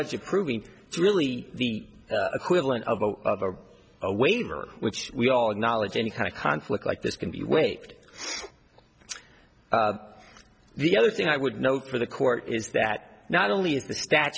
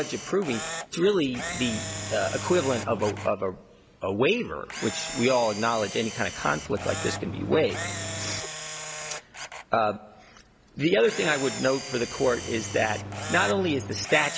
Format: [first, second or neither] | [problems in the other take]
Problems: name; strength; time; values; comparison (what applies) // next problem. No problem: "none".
first | background sound (Engine starting + Camera); 9 dB below the speech